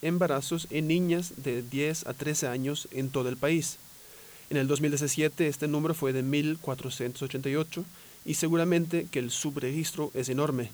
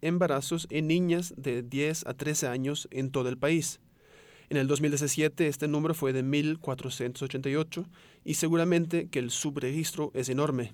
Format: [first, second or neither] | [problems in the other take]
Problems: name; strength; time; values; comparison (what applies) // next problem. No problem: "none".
second | hiss; noticeable; throughout; 20 dB below the speech